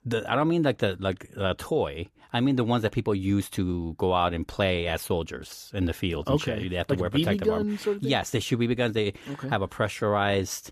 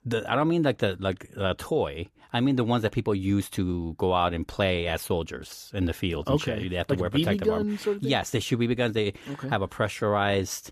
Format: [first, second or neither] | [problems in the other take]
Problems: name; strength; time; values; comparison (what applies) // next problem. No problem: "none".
neither | none